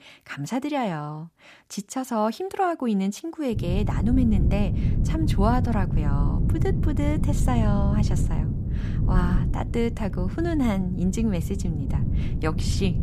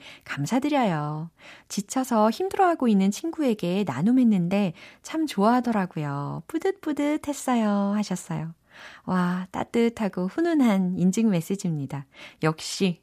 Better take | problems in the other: second | wind noise on the microphone; heavy; from 3.5 s on; 8 dB below the speech

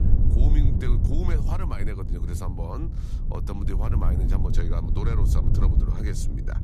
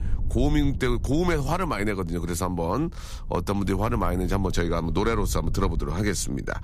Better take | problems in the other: second | low rumble; loud; throughout; 2 dB below the speech; faint in the second

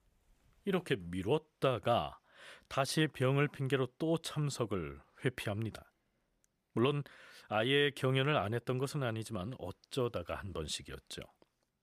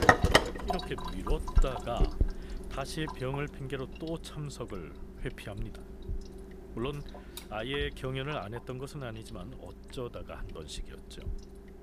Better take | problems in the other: first | household noises; very loud; throughout; 4 dB above the speech

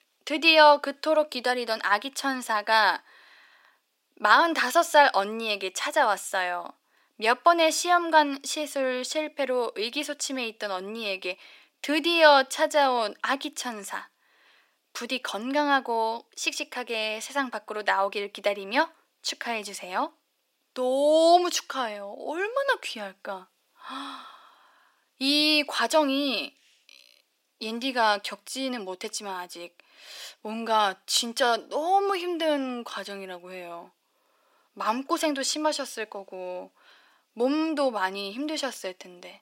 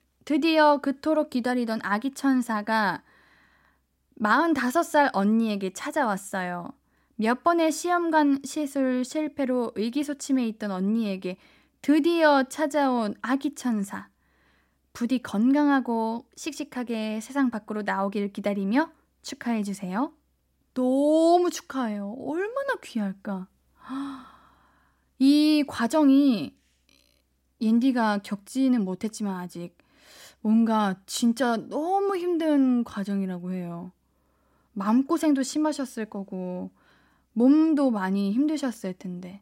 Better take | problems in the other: second | thin; somewhat; fading below 450 Hz

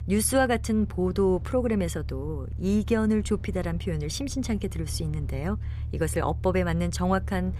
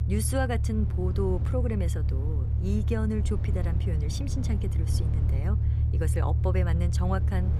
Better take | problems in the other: first | low rumble; loud; throughout; 7 dB below the speech; faint in the first

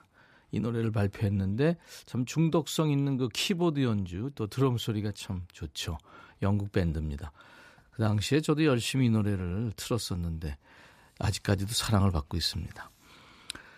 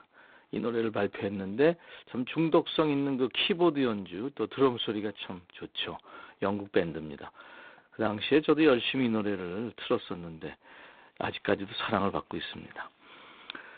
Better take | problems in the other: first | phone-call audio; poor line; nothing above 3.5 kHz

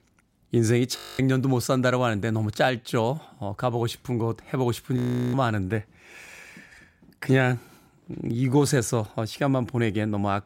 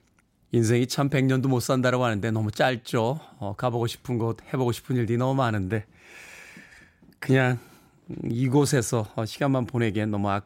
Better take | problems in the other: second | audio freezing; at 1 s and at 5 s

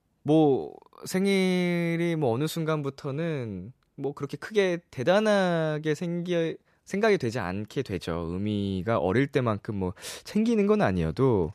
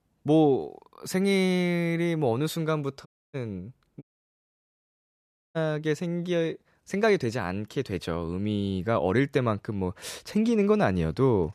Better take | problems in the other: first | audio cutting out; at 3 s and at 4 s for 1.5 s

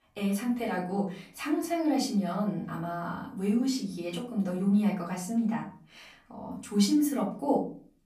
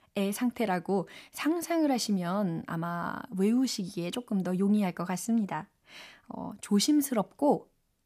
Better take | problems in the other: second | off-mic speech; far // room echo; slight; dies away in 0.4 s

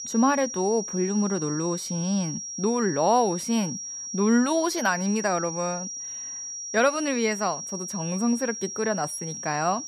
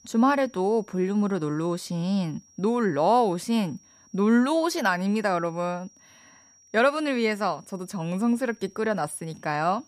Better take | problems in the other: second | high-pitched whine; loud; throughout; 5.5 kHz, 7 dB below the speech; faint in the second

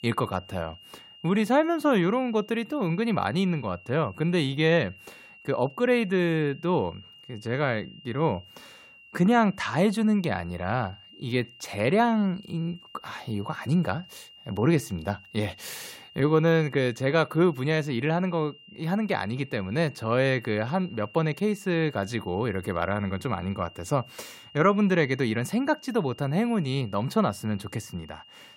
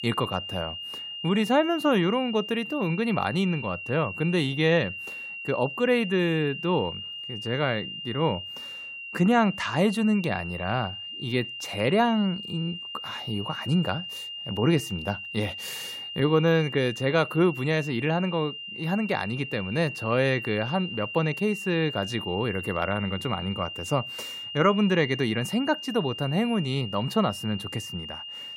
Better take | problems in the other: first | high-pitched whine; loud; throughout; 3 kHz, 8 dB below the speech; faint in the first

